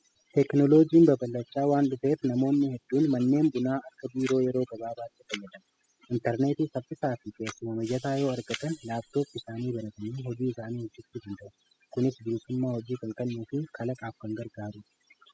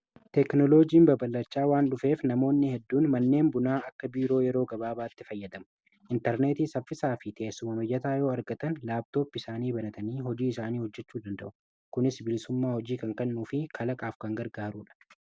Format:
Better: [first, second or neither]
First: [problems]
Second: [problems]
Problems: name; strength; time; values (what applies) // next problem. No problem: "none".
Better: second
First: noise reduction (classical method spectral subtraction)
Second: none